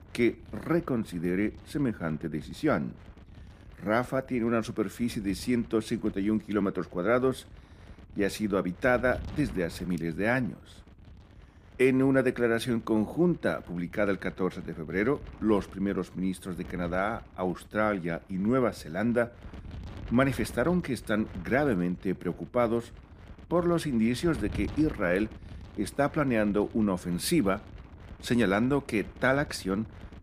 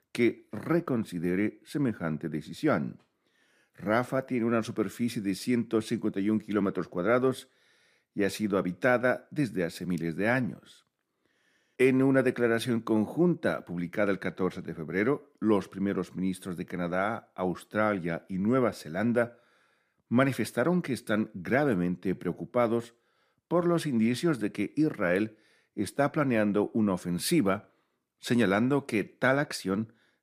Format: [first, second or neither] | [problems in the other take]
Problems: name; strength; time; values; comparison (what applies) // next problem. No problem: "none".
second | wind noise on the microphone; occasional gusts; 25 dB below the speech